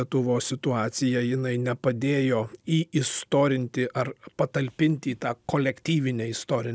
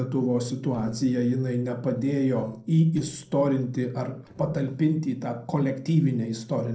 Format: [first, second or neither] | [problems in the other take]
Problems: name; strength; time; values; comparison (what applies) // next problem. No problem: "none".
first | noise reduction (neural separator model SepFormer DNS4)